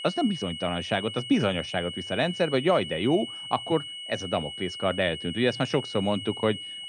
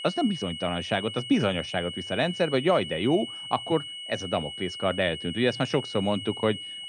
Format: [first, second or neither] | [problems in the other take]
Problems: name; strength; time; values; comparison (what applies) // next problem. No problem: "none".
neither | high-pitched whine; loud; throughout; 3 kHz, 8 dB below the speech; the same in both